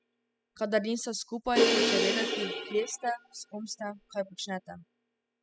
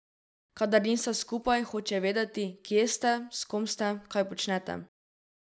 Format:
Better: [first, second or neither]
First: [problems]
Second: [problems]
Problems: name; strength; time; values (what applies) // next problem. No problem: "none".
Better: second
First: noise reduction (classical method spectral subtraction)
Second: none